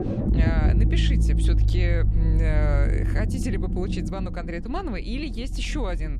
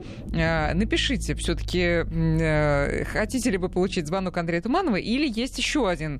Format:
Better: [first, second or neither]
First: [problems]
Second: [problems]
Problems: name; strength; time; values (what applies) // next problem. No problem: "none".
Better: second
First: low rumble; loud; throughout; 5 dB below the speech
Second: low rumble; faint; throughout; 25 dB below the speech